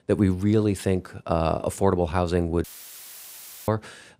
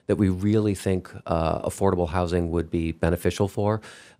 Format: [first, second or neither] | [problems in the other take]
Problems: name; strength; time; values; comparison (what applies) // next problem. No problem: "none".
second | audio cutting out; filled with static; at 2.5 s for 1 s